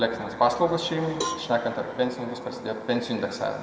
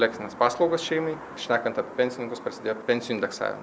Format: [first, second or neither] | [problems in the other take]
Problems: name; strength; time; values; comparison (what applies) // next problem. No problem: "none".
second | background sound (Cowbell); 12 dB below the speech // room echo; dies away in 1.9 s